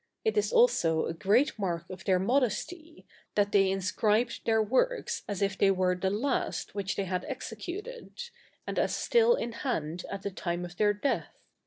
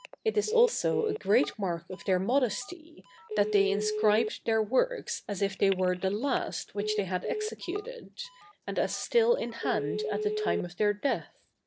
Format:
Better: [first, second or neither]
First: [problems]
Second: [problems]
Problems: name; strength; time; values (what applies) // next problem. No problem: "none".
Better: first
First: none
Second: background sound (Telephone); 8 dB below the speech